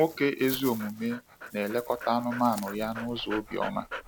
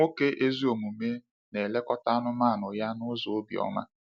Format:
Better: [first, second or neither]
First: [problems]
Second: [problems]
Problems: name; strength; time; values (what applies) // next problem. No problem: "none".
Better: second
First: background sound (Dog); 12 dB below the speech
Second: none